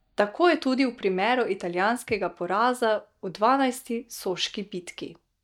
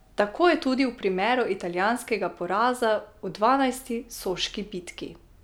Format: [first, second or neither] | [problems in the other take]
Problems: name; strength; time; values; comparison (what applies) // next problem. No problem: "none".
second | noise reduction (neural mask model DeepFilterNet 3)